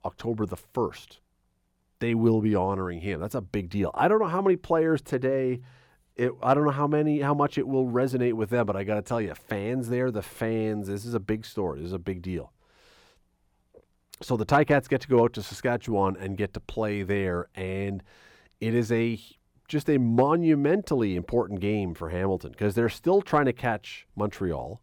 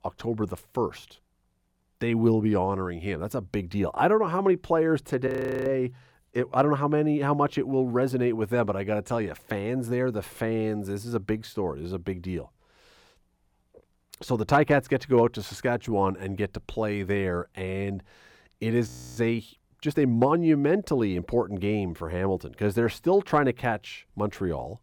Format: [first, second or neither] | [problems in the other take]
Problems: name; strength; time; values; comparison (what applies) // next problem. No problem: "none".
first | audio freezing; at 5.5 s and at 19 s